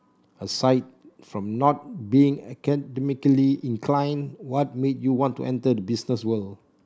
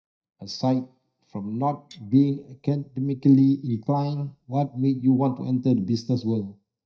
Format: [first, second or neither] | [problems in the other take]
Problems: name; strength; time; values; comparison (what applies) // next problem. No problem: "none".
first | noise reduction (neural mask model DeepFilterNet 3)